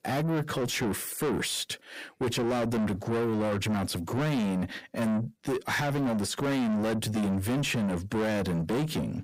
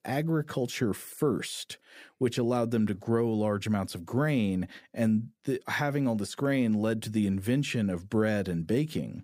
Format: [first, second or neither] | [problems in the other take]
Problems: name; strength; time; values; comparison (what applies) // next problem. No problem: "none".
second | distortion; heavy; 6 dB below the speech